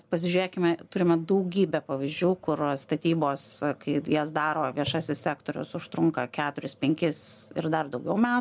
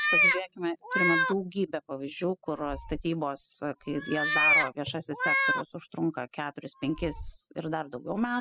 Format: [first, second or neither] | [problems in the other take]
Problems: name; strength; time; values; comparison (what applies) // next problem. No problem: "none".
first | noise reduction (classical method spectral subtraction)